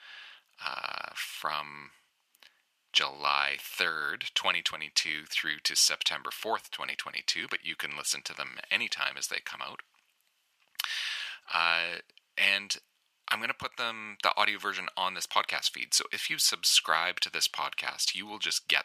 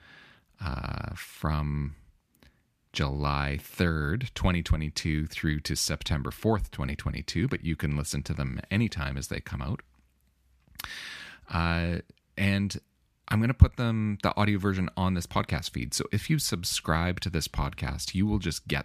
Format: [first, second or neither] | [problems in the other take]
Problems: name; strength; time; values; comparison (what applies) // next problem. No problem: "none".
second | thin; very; fading below 900 Hz